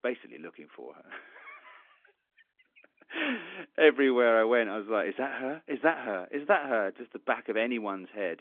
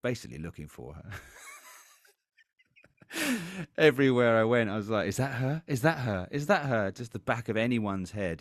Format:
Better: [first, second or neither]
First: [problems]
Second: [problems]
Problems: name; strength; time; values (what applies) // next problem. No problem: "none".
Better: second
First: phone-call audio; nothing above 3.5 kHz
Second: none